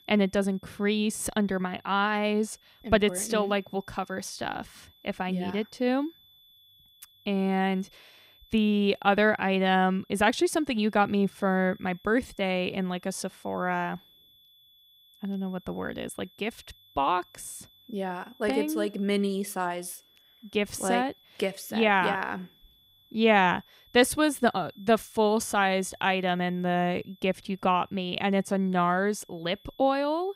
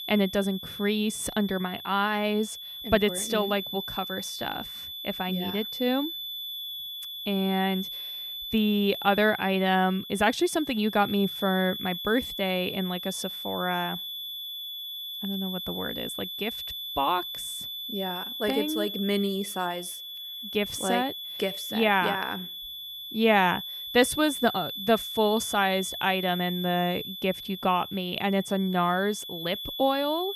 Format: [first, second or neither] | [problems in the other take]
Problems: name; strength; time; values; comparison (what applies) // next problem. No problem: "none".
first | high-pitched whine; loud; throughout; 3.5 kHz, 7 dB below the speech; faint in the first